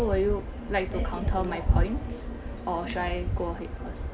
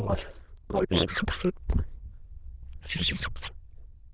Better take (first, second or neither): first